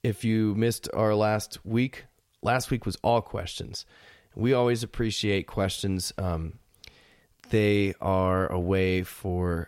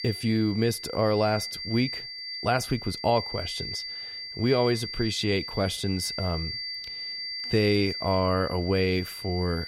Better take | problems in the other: first | high-pitched whine; loud; throughout; 4.5 kHz, 7 dB below the speech

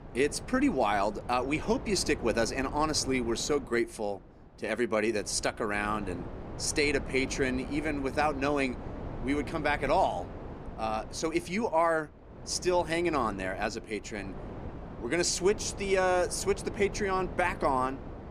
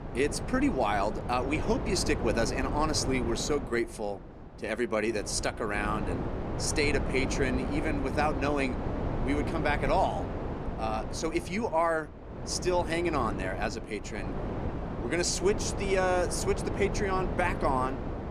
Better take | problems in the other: first | wind noise on the microphone; heavy; 8 dB below the speech; occasional gusts in the first

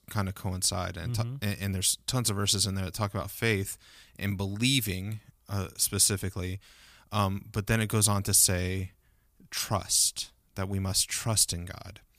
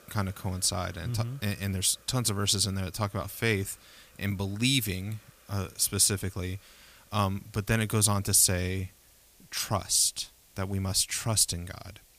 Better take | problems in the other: first | hiss; faint; throughout; 30 dB below the speech

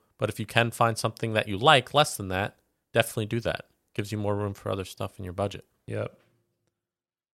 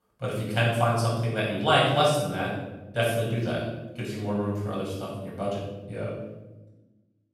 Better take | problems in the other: first | off-mic speech; far // room echo; strong; dies away in 1.1 s

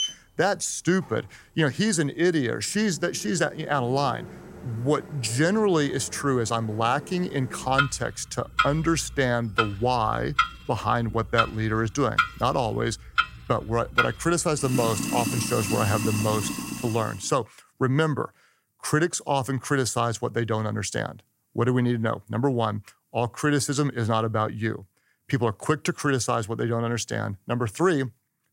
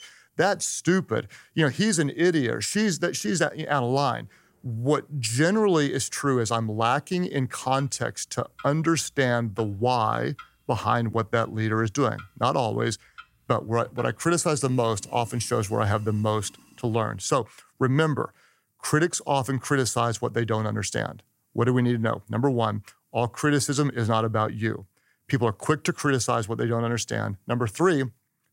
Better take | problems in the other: second | household noises; loud; until 17 s; 2 dB below the speech; faint in the second

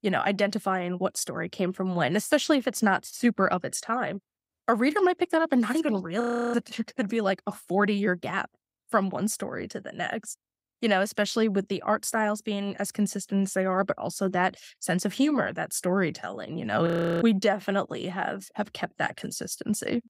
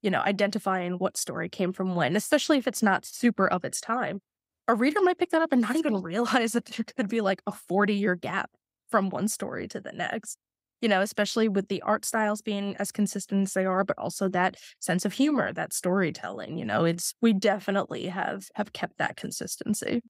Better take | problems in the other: second | audio freezing; at 6 s and at 17 s

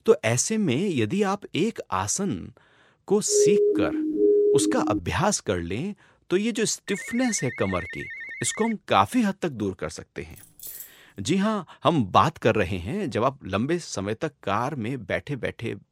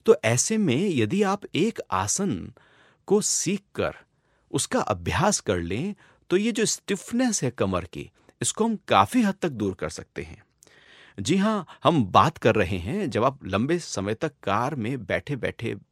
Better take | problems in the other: second | siren; loud; from 3.5 to 5 s; peak 6 dB above the speech // phone ringing; noticeable; from 7 to 8.5 s; peak 9 dB below the speech // jangling keys; faint; at 10 s; peak 10 dB below the speech

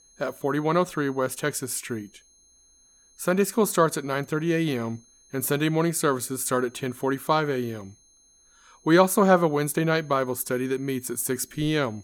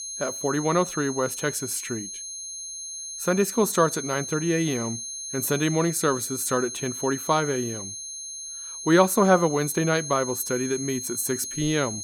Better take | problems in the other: first | high-pitched whine; loud; throughout; 6.5 kHz, 8 dB below the speech; faint in the first

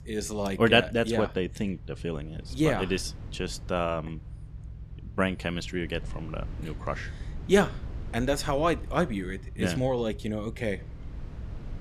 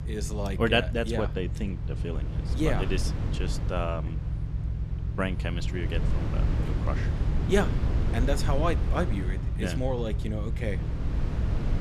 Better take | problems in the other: first | low rumble; loud; throughout; 10 dB below the speech; faint in the first

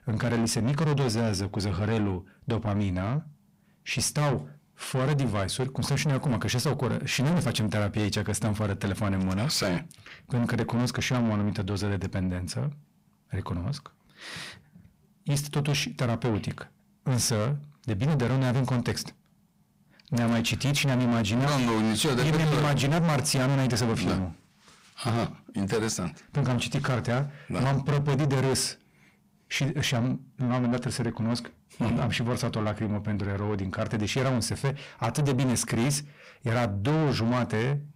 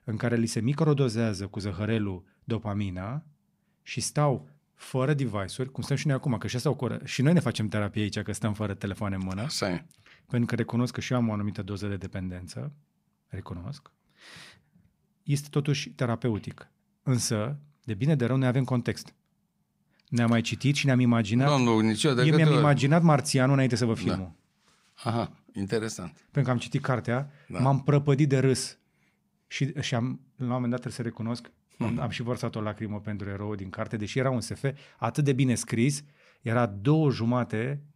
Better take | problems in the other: second | distortion; heavy; 5 dB below the speech

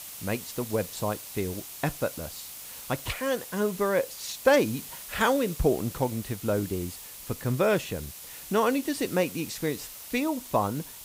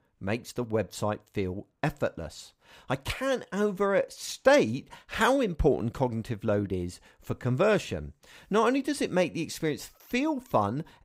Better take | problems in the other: second | hiss; noticeable; throughout; 10 dB below the speech

